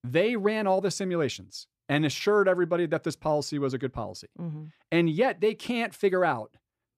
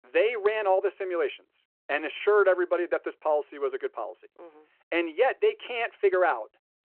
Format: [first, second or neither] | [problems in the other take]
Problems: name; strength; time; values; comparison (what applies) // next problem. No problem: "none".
first | phone-call audio